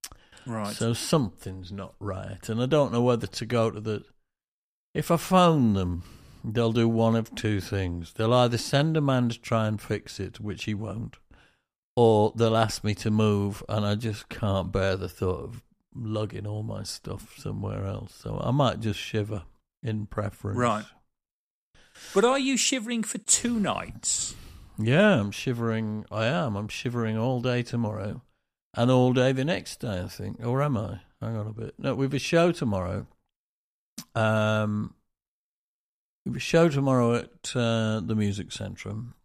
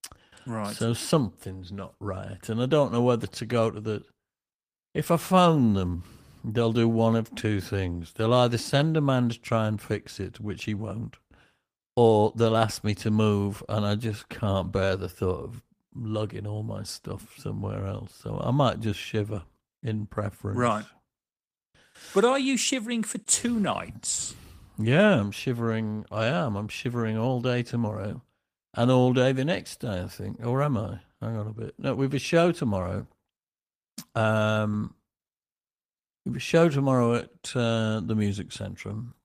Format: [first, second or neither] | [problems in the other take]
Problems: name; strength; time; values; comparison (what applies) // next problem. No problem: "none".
first | garbled, watery; slightly; nothing above 15 kHz